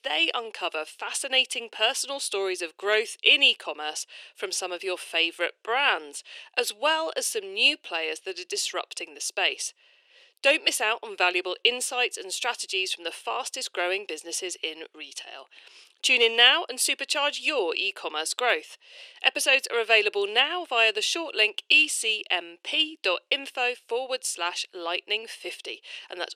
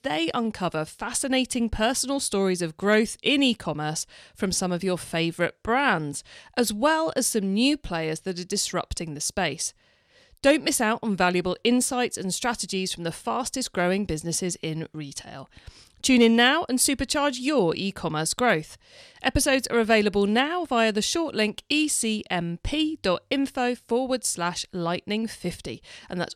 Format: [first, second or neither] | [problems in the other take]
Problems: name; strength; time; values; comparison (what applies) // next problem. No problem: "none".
second | thin; very; fading below 350 Hz